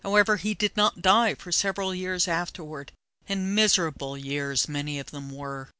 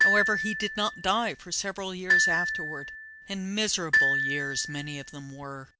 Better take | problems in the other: first | background sound (Glockenspiel); 3 dB above the speech

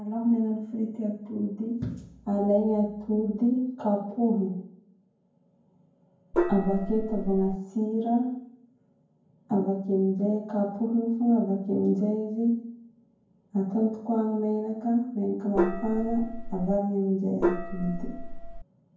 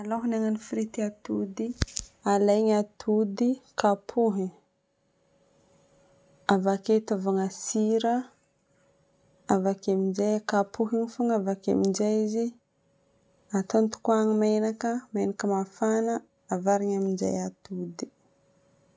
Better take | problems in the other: second | background sound (Gong); 2 dB below the speech // room echo; dies away in 0.9 s

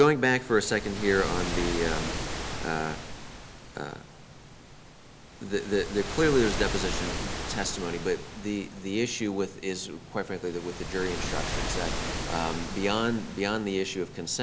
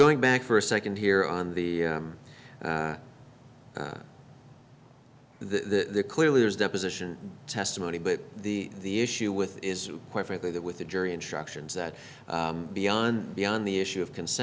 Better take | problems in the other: second | background sound (Waves, surf); 5 dB below the speech

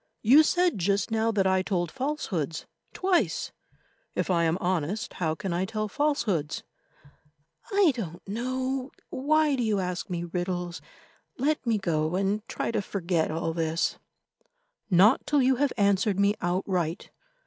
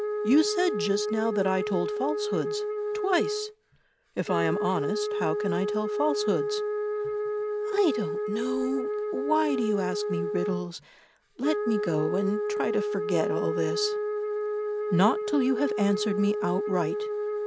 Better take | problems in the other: first | background sound (Wind instrument, woodwind instrument); 1 dB below the speech

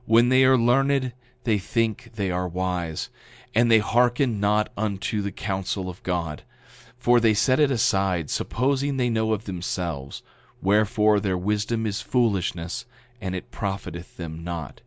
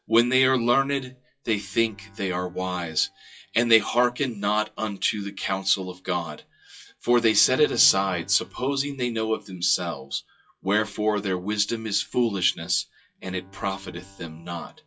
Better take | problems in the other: first | noise reduction (classical method WPE with log-MMSE)

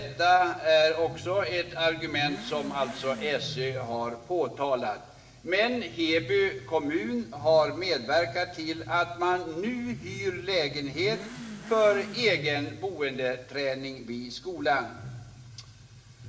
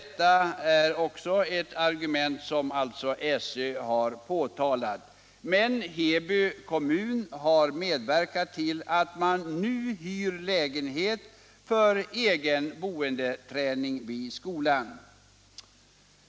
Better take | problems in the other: second | background sound (Motorcycle / Accelerating, revving, vroom); 15 dB below the speech // room echo; dies away in 1.4 s

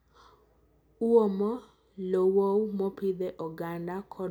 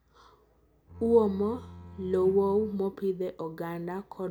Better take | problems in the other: first | background sound (Whoosh, swoosh, swish + Bowed string instrument); 16 dB below the speech

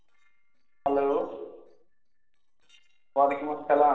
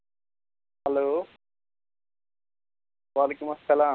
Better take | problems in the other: second | noise reduction (neural separator model SepFormer DNS4)

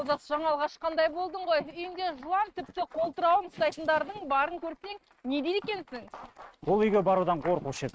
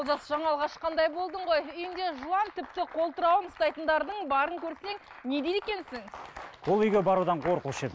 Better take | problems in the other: second | noise reduction (neural mask model RNNoise)

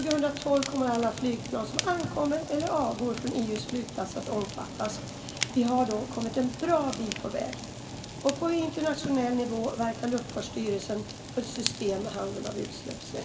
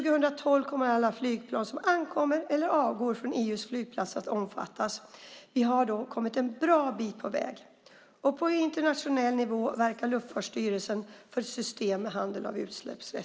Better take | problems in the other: second | background sound (Fire); 8 dB below the speech // room echo; dies away in 2.7 s

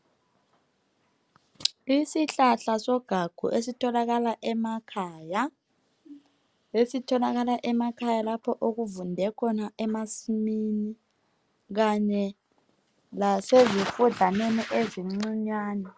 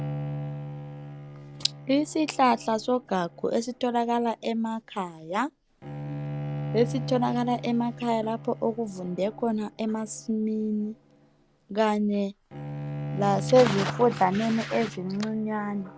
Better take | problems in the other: first | background sound (Bowed string instrument); 10 dB below the speech

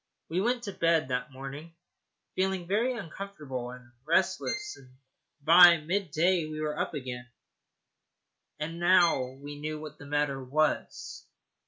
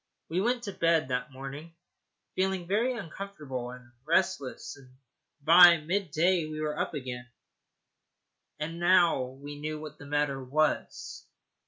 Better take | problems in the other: second | background sound (Bowed string instrument); 12 dB below the speech

